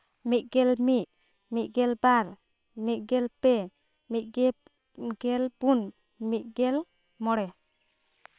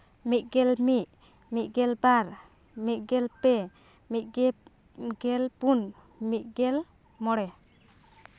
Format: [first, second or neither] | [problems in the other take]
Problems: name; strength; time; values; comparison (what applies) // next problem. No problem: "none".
second | noise reduction (neural separator model SepFormer WHAM!)